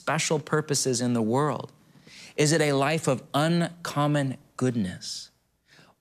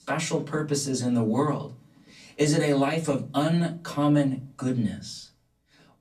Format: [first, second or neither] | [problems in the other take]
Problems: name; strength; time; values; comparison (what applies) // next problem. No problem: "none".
first | off-mic speech; far // room echo; very slight; dies away in 0.3 s